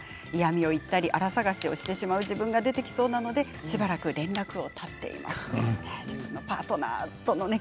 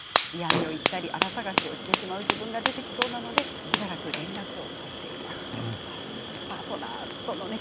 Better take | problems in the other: first | background sound (Fire); 5 dB above the speech

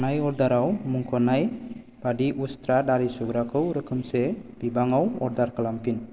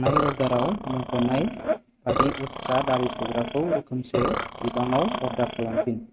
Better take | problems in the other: first | noise reduction (neural mask model RNNoise)

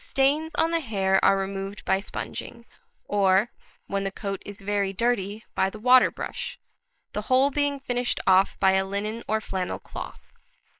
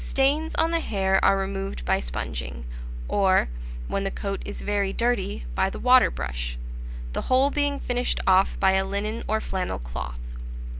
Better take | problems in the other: second | noise reduction (neural mask model Resemble Enhance denoiser)

